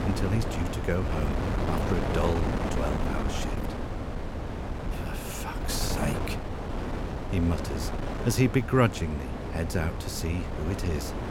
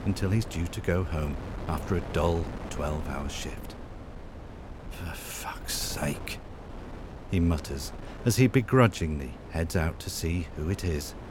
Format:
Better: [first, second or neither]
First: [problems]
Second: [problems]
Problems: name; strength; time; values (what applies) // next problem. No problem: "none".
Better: second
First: wind noise on the microphone; heavy; 2 dB below the speech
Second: wind noise on the microphone; occasional gusts; 10 dB below the speech